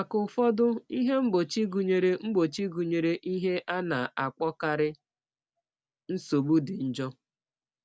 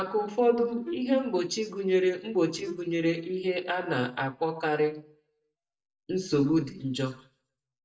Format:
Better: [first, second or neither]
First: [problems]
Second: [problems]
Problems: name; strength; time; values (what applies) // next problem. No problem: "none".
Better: first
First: none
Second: noise reduction (neural mask model DeepFilterNet 3)